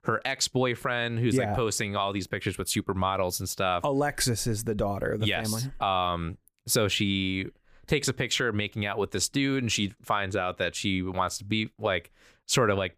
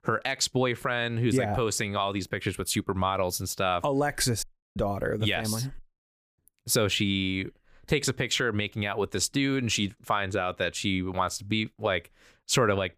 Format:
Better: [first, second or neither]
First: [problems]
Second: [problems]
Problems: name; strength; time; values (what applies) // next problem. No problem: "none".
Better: first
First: none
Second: audio cutting out; at 4.5 s and at 6 s for 0.5 s